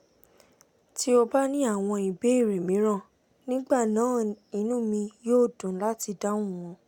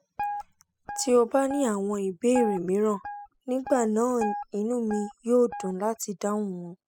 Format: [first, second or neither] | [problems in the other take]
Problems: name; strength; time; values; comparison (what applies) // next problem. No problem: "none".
first | noise reduction (classical method spectral subtraction)